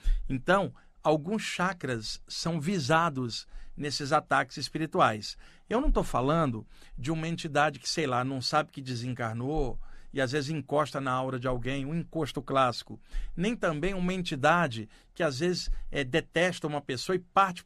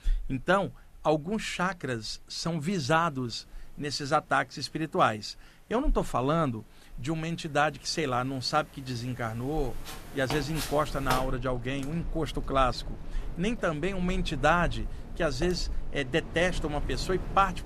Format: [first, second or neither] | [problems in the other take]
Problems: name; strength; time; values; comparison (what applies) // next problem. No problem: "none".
first | wind in the background; noticeable; throughout; 10 dB below the speech